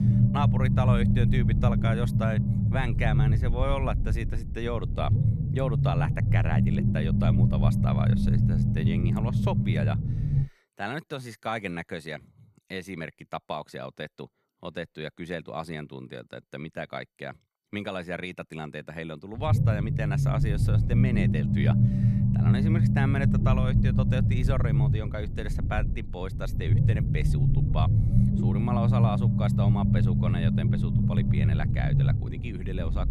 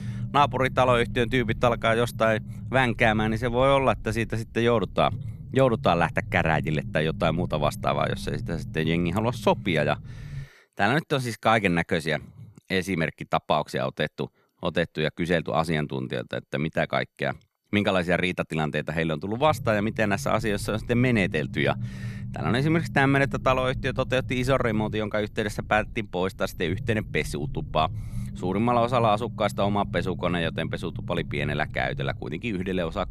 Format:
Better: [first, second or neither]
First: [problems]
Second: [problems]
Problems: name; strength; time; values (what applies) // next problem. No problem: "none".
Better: second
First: low rumble; loud; until 10 s and from 19 s on; 1 dB below the speech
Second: low rumble; faint; until 10 s and from 19 s on; 20 dB below the speech